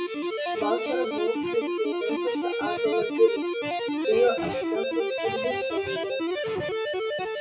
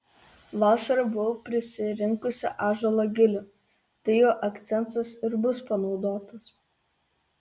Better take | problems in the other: second | noise reduction (classical method WPE with log-MMSE)

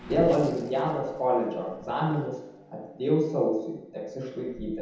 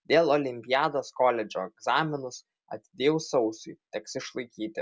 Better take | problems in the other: second | background sound (Race car, auto racing / Accelerating, revving, vroom); 15 dB below the speech // room echo; dies away in 0.9 s

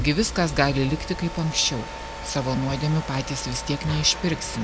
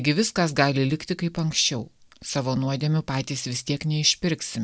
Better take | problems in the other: second | background sound (Mechanisms); 8 dB below the speech

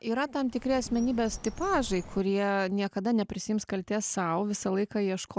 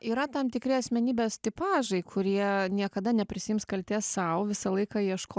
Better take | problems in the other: second | background sound (Bird); 14 dB below the speech

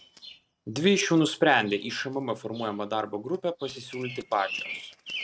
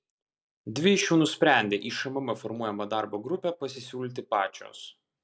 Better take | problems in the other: second | noise reduction (neural mask model RNNoise)

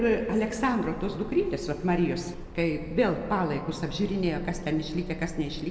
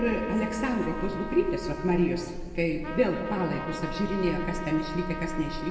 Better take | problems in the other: first | background sound (Trumpet); 11 dB below the speech // room echo; dies away in 1.7 s

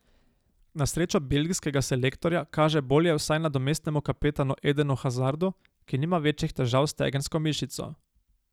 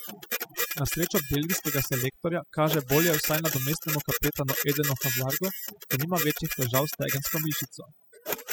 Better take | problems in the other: first | noise reduction (classical method spectral subtraction)

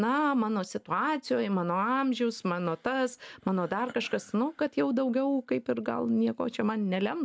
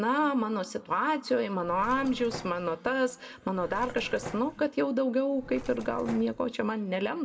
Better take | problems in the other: first | background sound (Mechanisms); 14 dB below the speech // room echo; dies away in 1.5 s

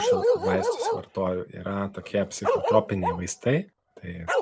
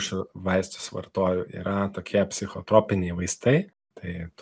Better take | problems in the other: second | background sound (Bark); 1 dB above the speech

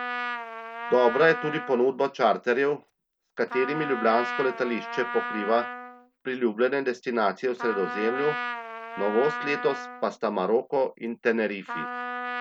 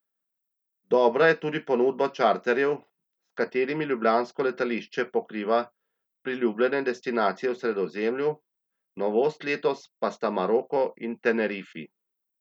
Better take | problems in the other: second | background sound (Trumpet); 9 dB below the speech

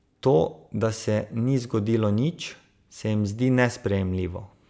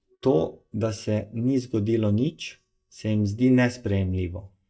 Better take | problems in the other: first | noise reduction (neural mask model DeepFilterNet 3)

